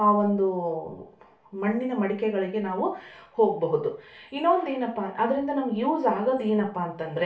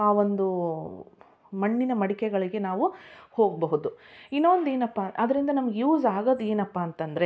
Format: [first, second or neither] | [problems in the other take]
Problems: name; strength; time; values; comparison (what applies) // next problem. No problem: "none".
second | room echo; dies away in 0.3 s